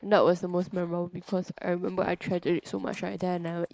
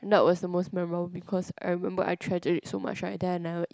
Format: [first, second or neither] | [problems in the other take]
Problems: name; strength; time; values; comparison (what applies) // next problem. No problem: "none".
second | noise reduction (neural mask model Resemble Enhance denoiser)